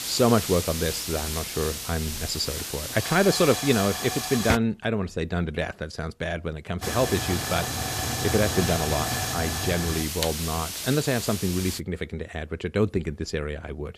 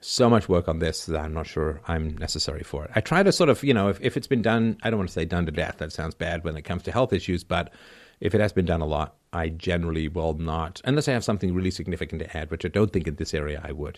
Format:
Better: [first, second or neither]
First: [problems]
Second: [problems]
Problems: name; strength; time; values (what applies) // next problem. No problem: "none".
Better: second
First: hiss; loud; until 4.5 s and from 7 to 12 s; 2 dB below the speech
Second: none